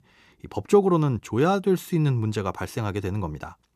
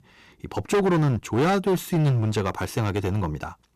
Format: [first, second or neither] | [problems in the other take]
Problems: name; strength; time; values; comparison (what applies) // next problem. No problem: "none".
first | distortion; heavy; 13% of the sound clipped